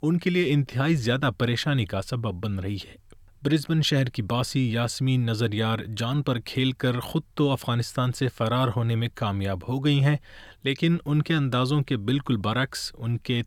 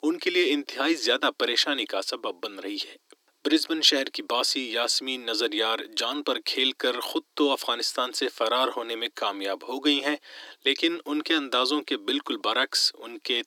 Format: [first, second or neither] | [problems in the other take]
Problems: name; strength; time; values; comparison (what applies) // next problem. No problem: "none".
first | thin; somewhat; fading below 300 Hz